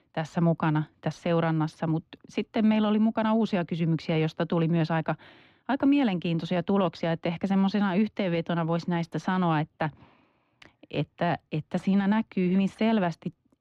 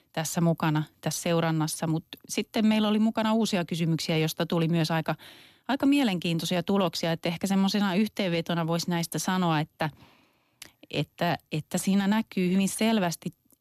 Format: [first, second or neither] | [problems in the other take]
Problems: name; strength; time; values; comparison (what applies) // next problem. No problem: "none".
second | muffled; slightly; fading above 2 kHz